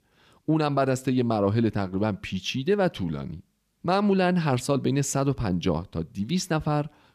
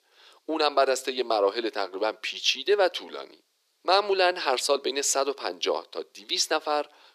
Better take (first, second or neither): first